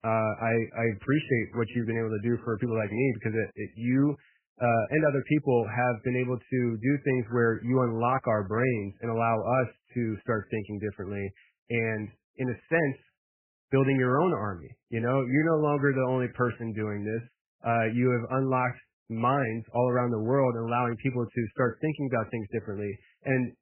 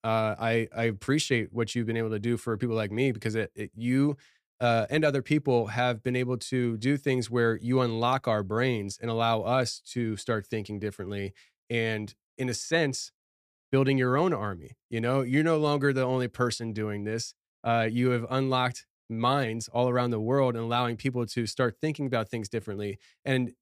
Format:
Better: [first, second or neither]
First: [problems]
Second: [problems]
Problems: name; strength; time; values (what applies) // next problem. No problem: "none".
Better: second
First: garbled, watery; badly; nothing above 2.5 kHz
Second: none